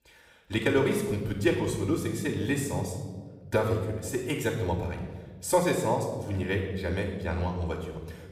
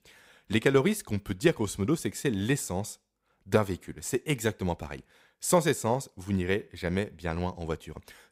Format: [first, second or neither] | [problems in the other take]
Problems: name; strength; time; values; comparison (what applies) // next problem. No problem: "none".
second | off-mic speech; somewhat distant // room echo; noticeable; dies away in 1.2 s